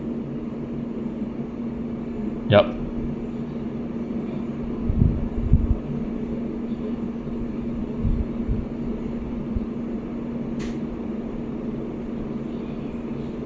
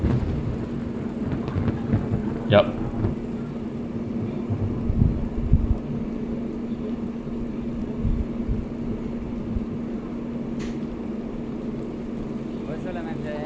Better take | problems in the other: first | background sound (Thunder / Rain); 5 dB below the speech

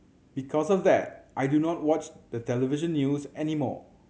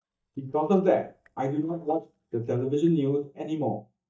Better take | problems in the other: first | noise reduction (neural mask model DeepFilterNet 3)

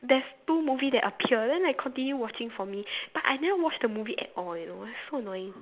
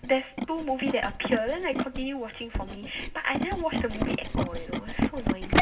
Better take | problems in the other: first | background sound (Tools); 1 dB above the speech // room echo; dies away in 0.4 s

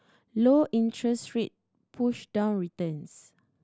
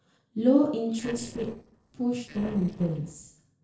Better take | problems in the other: first | noise reduction (neural separator model SepFormer DNS4)

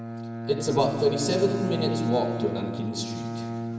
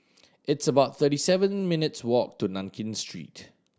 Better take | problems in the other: second | background sound (Bowed string instrument); 4 dB below the speech // room echo; dies away in 1.9 s

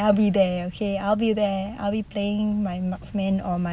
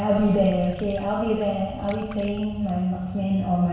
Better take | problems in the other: first | background sound (Water / Liquid); 18 dB below the speech // room echo; dies away in 1.1 s

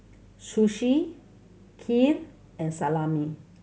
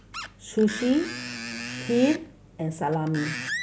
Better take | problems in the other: first | background sound (Screech); 9 dB below the speech

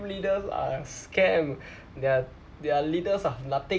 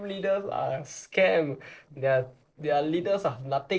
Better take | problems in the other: first | noise reduction (neural separator model SepFormer DNS4)

